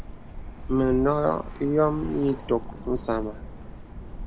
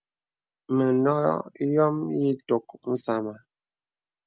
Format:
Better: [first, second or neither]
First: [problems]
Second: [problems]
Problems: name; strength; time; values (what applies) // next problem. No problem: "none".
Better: second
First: background sound (Bird); 9 dB below the speech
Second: none